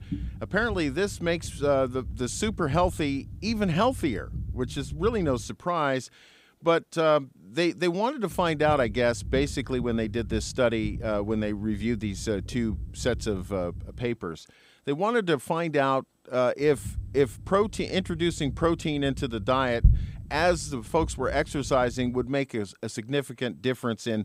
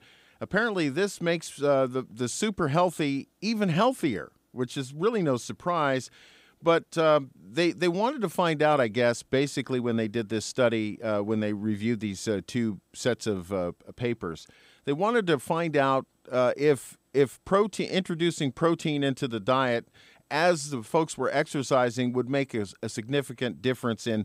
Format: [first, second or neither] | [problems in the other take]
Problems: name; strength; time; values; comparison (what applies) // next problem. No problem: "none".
second | low rumble; faint; until 5.5 s, from 8.5 to 14 s and from 17 to 22 s; 25 dB below the speech